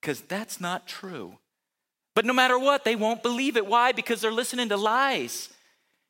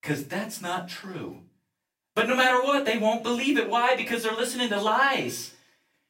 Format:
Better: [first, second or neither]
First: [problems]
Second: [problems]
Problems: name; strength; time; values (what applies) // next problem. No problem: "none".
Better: first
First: none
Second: off-mic speech; far // room echo; very slight; dies away in 0.3 s